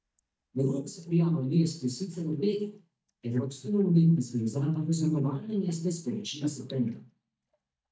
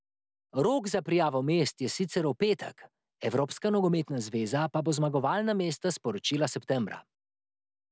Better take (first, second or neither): second